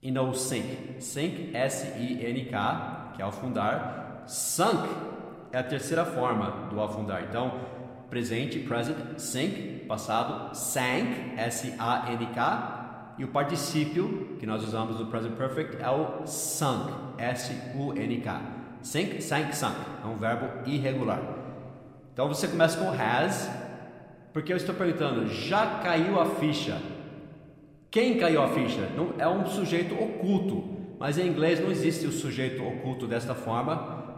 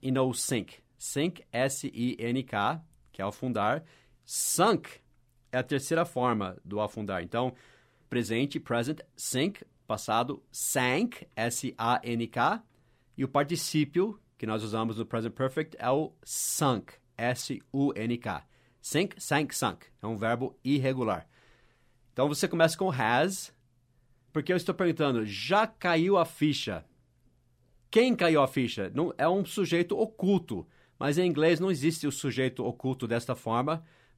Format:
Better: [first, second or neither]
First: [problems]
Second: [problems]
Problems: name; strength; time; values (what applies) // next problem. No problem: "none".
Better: second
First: room echo; slight; dies away in 1.6 s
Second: none